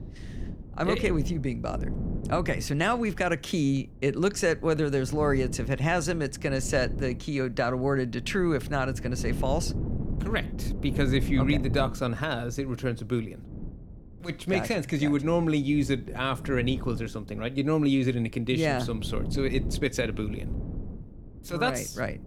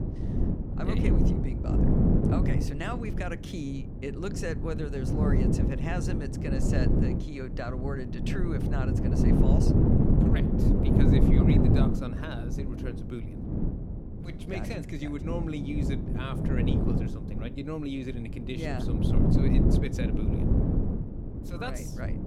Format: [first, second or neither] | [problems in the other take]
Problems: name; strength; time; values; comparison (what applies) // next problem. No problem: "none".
first | wind noise on the microphone; heavy; 3 dB above the speech; occasional gusts in the first